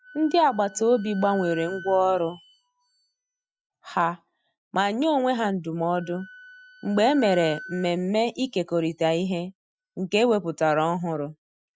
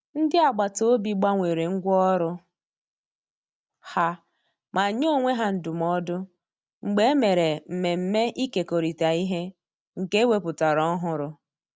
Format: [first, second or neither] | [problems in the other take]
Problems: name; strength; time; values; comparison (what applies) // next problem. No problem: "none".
second | noise reduction (classical method Wiener filter)